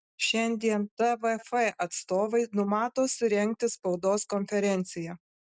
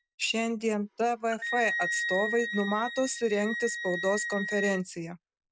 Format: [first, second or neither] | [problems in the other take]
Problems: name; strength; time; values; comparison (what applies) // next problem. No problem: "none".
first | background sound (Wind instrument, woodwind instrument); 5 dB below the speech